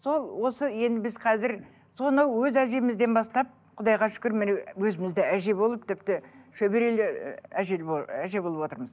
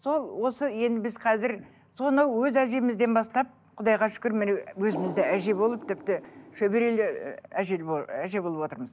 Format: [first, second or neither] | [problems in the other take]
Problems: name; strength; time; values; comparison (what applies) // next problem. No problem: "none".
first | background sound (Water); 14 dB below the speech